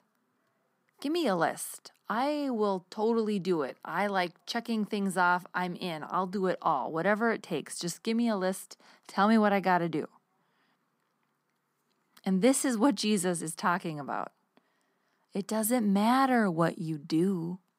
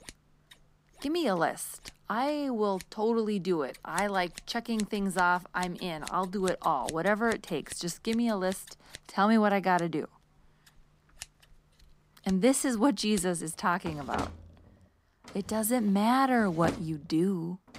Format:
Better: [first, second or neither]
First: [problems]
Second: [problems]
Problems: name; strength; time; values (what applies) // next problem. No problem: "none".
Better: first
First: none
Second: household noises; noticeable; throughout; 15 dB below the speech